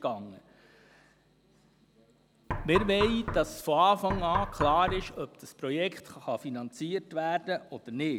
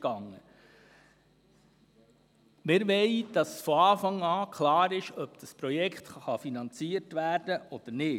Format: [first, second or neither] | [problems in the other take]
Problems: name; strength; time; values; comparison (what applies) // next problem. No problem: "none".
second | background sound (Knock); 4 dB below the speech